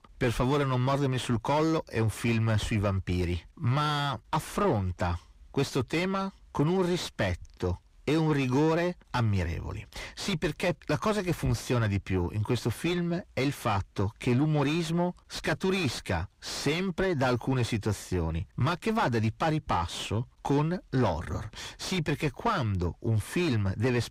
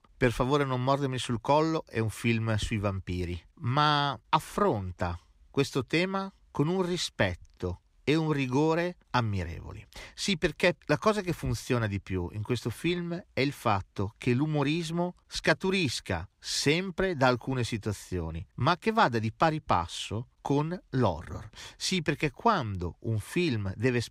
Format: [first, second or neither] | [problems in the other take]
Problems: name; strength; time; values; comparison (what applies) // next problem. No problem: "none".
second | distortion; heavy; 6 dB below the speech